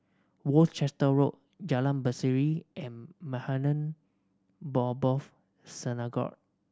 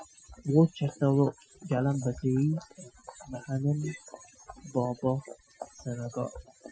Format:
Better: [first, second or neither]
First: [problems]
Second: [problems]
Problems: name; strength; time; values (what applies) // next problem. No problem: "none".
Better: first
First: none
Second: noise reduction (classical method Wiener filter)